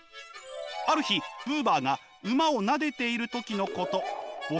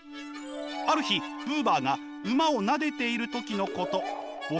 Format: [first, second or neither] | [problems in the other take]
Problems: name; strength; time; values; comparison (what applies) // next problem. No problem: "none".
first | background sound (Wind instrument, woodwind instrument); 12 dB below the speech